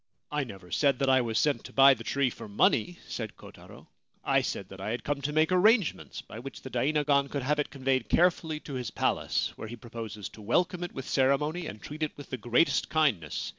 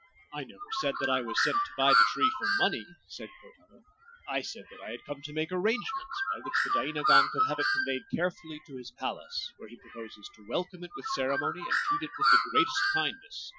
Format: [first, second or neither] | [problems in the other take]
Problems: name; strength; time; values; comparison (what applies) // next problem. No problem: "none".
first | noise reduction (classical method Wiener filter)